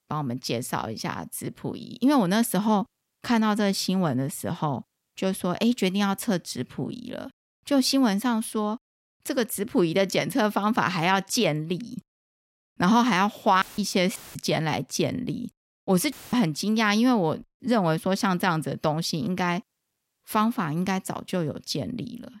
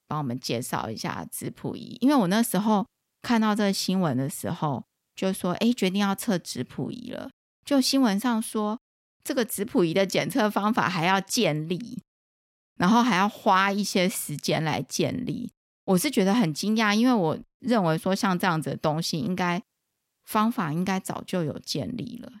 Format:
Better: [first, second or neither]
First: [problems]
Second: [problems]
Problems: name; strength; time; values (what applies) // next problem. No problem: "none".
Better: second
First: audio cutting out; filled with static; at 14 s and at 16 s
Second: none